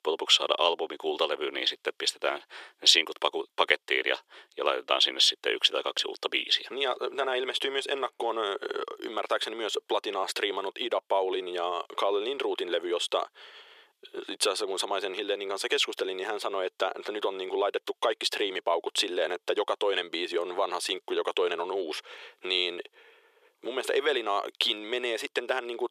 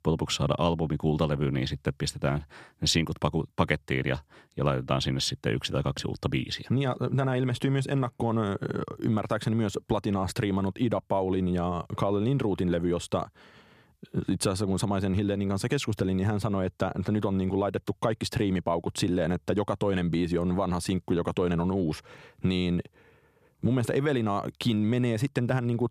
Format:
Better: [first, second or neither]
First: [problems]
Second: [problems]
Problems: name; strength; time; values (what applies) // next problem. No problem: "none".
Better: second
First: thin; very; fading below 400 Hz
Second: none